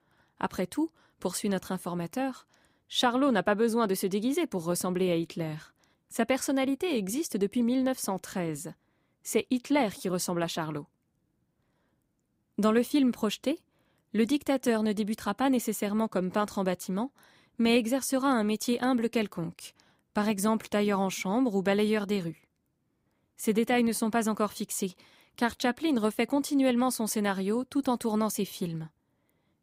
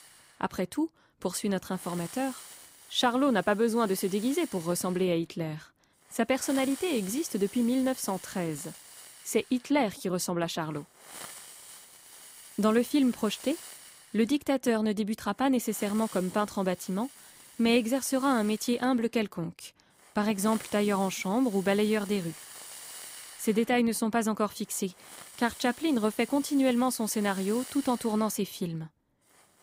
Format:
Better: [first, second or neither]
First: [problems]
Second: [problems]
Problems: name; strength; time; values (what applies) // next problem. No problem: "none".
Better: first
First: none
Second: hiss; noticeable; throughout; 15 dB below the speech